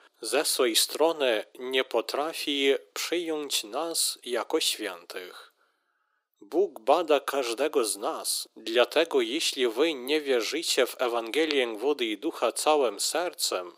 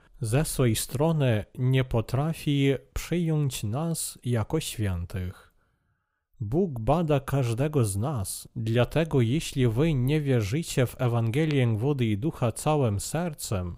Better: second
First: thin; very; fading below 350 Hz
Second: none

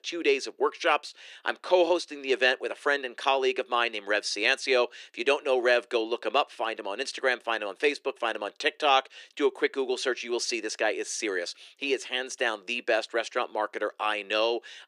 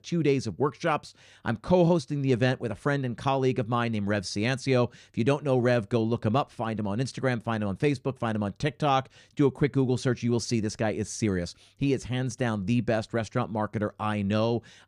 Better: second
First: thin; very; fading below 350 Hz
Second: none

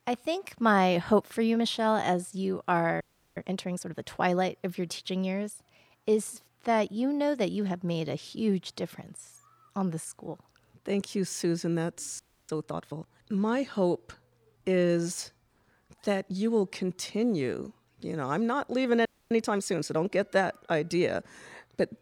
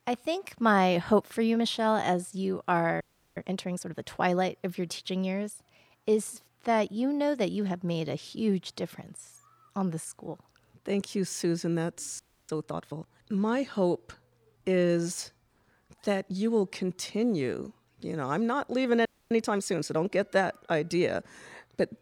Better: neither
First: audio freezing; at 3 s, at 12 s and at 19 s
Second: audio freezing; at 3 s, at 12 s and at 19 s

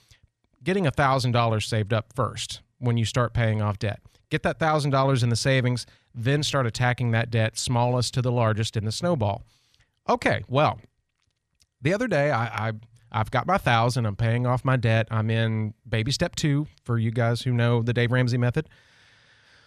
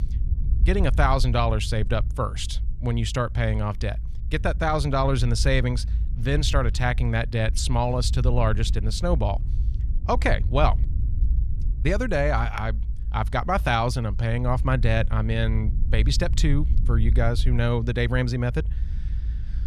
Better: first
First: none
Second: low rumble; noticeable; throughout; 20 dB below the speech

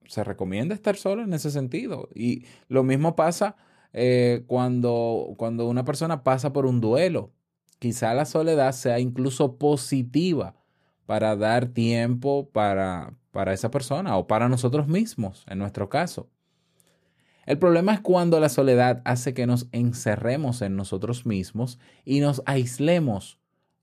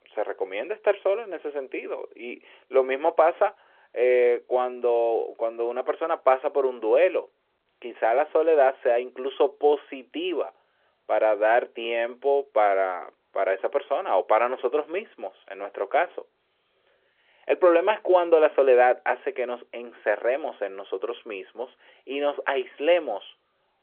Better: first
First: none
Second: phone-call audio

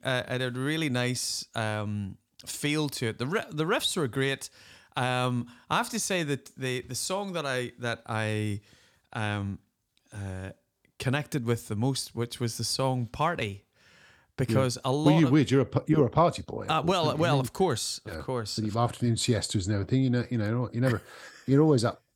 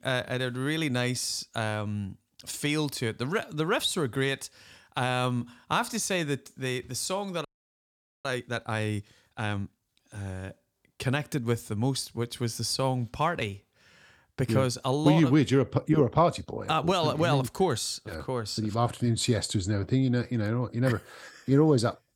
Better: first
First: none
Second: audio freezing; at 7.5 s for 1 s

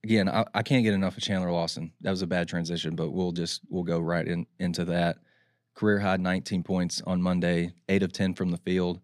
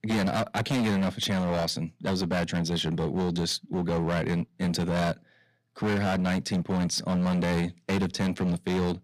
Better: first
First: none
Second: distortion; heavy; 21% of the sound clipped

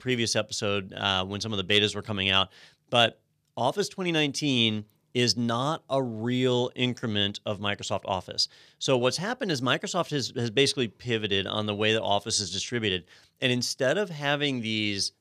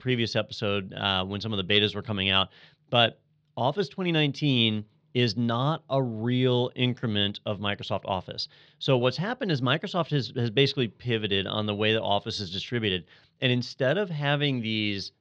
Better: first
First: none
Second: muffled; very slightly; fading above 4 kHz

